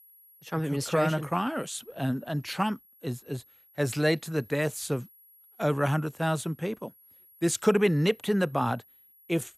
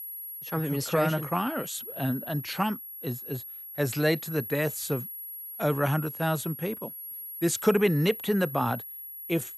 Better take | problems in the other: first | high-pitched whine; loud; throughout; 11.5 kHz, 9 dB below the speech; faint in the first

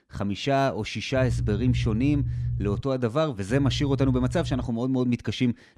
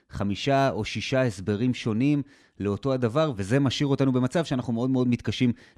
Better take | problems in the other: second | low rumble; noticeable; from 1 to 3 s and from 3.5 to 4.5 s; 15 dB below the speech

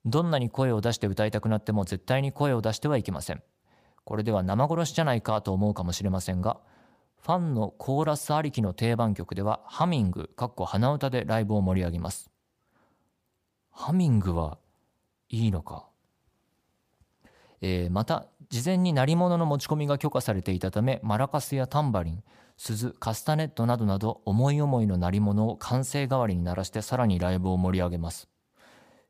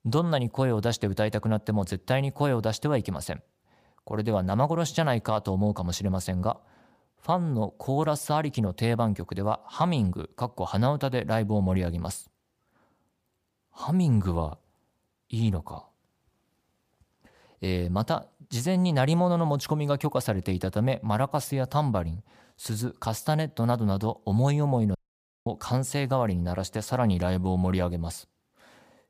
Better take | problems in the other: first | audio cutting out; at 25 s for 0.5 s

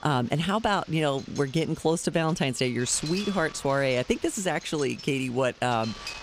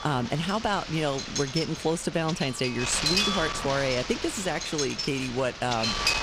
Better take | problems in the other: first | wind noise on the microphone; heavy; 1 dB below the speech; occasional gusts in the first

